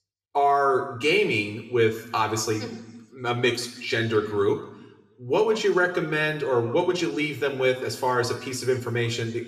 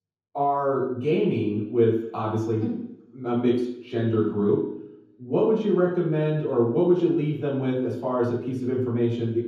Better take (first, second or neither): first